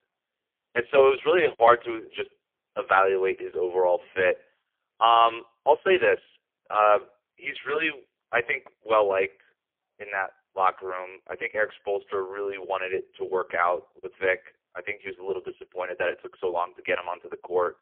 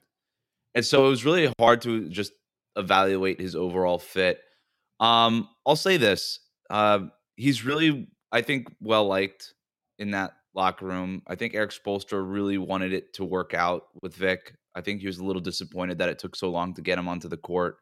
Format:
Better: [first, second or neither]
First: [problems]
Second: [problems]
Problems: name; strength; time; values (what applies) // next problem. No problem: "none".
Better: second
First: phone-call audio; poor line; nothing above 3.5 kHz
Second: none